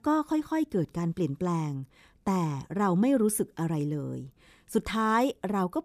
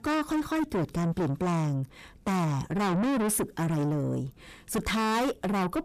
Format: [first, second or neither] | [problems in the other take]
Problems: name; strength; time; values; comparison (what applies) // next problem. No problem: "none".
first | distortion; heavy; 5 dB below the speech